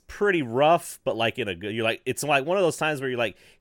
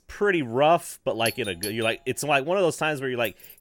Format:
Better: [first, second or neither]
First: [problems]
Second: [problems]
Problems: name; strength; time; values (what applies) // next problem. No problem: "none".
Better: first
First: none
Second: doorbell; noticeable; at 1.5 s; peak 9 dB below the speech // jangling keys; very faint; at 3 s; peak 20 dB below the speech